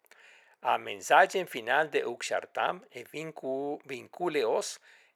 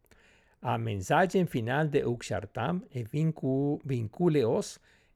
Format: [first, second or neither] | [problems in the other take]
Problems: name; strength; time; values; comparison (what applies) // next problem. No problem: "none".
second | thin; very; fading below 650 Hz